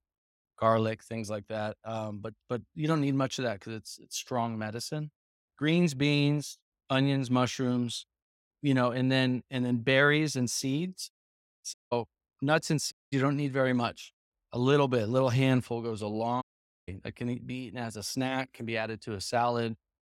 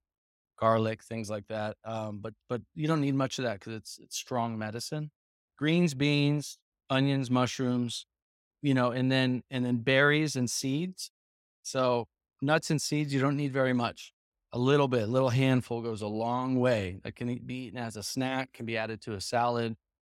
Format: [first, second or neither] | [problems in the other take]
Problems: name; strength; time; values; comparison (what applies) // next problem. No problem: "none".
second | audio cutting out; at 12 s, at 13 s and at 16 s